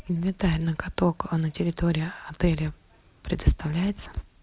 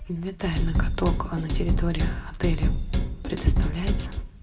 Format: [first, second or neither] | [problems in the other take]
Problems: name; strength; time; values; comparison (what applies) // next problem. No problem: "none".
first | background sound (Drum kit); 5 dB above the speech // room echo; dies away in 1.4 s